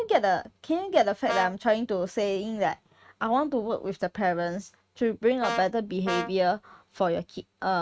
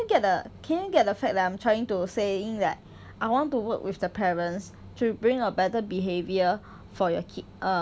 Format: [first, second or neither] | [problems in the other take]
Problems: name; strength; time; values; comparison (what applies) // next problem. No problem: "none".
second | noise reduction (neural mask model RNNoise)